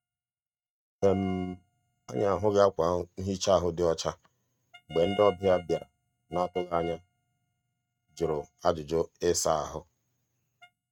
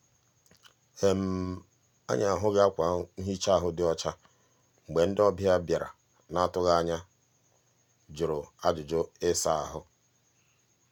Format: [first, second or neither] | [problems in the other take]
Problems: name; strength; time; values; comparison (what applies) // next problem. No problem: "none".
second | noise reduction (neural mask model RNNoise)